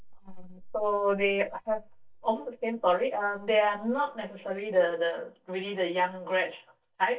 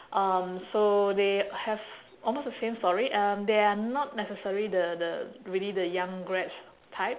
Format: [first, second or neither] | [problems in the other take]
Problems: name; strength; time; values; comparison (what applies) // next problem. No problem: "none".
second | noise reduction (neural mask model DeepFilterNet 3)